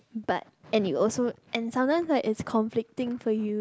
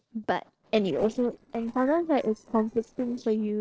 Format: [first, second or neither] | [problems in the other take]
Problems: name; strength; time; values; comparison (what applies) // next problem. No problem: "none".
first | noise reduction (neural separator model SepFormer DNS4)